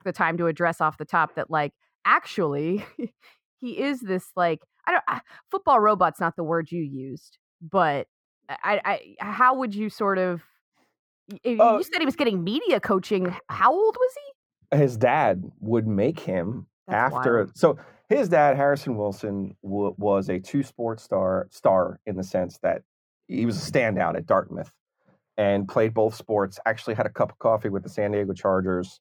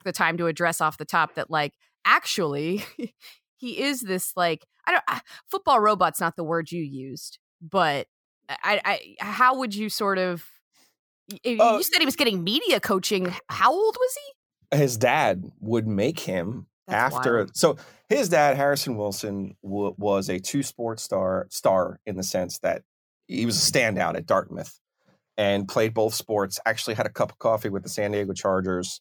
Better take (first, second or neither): second